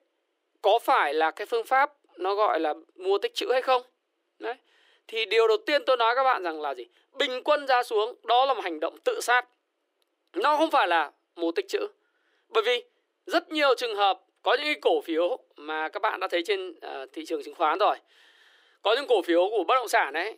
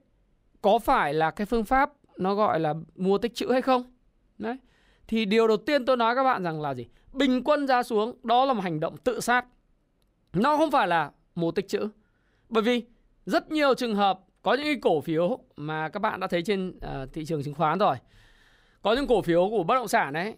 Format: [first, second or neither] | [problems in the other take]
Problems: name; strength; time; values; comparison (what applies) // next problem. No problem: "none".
second | thin; very; fading below 300 Hz